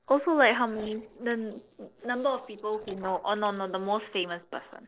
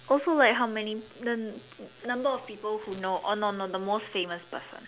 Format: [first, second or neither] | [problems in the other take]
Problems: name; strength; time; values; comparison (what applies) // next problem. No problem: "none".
second | noise reduction (neural separator model SepFormer DNS4)